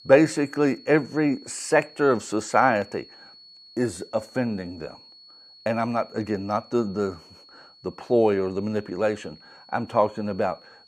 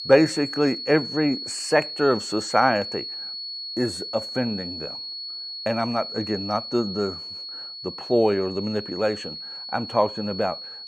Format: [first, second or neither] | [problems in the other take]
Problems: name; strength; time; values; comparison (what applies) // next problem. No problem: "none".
first | high-pitched whine; loud; throughout; 4.5 kHz, 8 dB below the speech; faint in the first